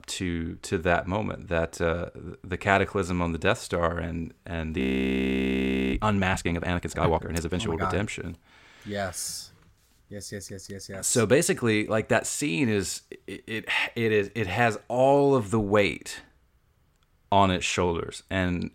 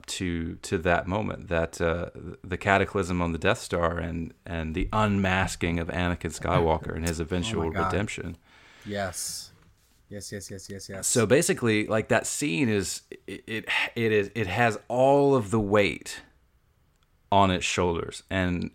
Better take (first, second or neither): second